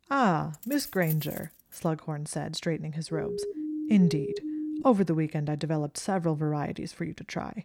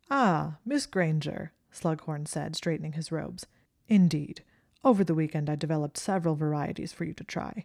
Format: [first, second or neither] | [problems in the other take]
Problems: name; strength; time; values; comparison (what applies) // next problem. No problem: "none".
second | jangling keys; noticeable; from 0.5 to 2 s; peak 8 dB below the speech // siren; noticeable; from 3 to 5 s; peak 4 dB below the speech